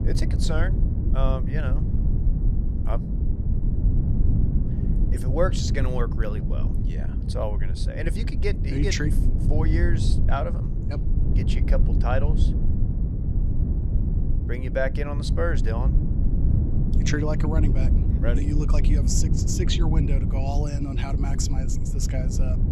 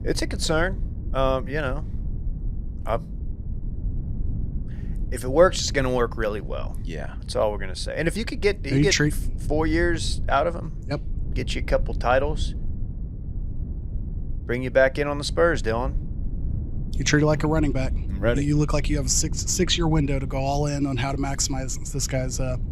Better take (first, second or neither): second